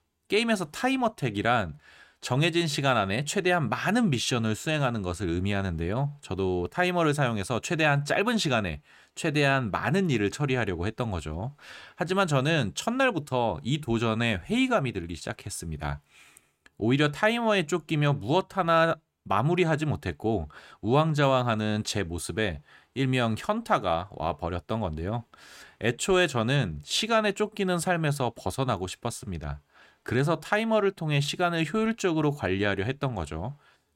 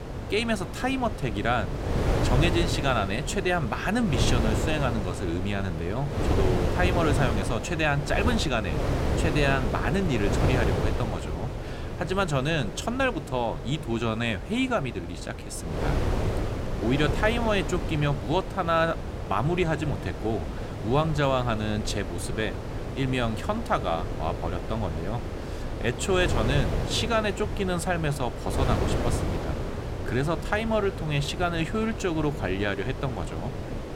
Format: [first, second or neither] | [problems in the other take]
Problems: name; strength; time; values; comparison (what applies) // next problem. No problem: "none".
first | wind noise on the microphone; heavy; 6 dB below the speech